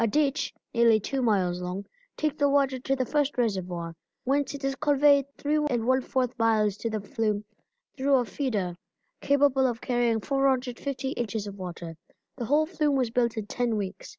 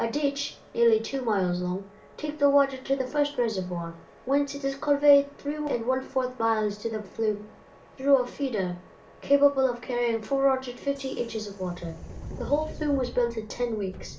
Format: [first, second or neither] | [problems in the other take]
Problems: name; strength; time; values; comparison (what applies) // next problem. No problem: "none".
first | background sound (Subway, metro, underground); 19 dB below the speech // room echo; dies away in 0.4 s